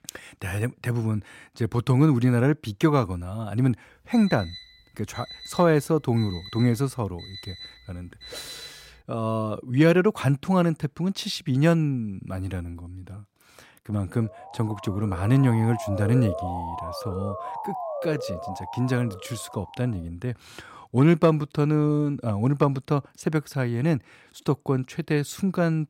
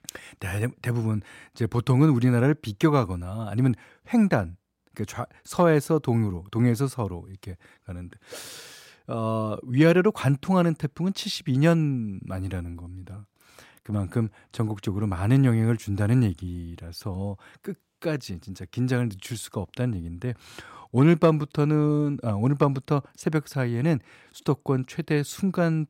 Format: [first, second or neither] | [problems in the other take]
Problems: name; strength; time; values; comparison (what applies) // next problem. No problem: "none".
second | alarm; faint; from 4 to 9 s; peak 15 dB below the speech // siren; noticeable; from 14 to 20 s; peak 6 dB below the speech